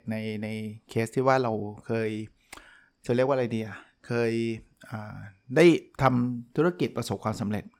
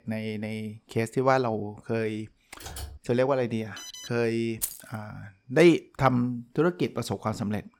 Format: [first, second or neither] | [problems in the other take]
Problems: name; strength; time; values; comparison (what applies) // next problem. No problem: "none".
first | keyboard typing; faint; at 2.5 s; peak 15 dB below the speech // alarm; faint; at 4 s; peak 15 dB below the speech // jangling keys; noticeable; at 4.5 s; peak 6 dB below the speech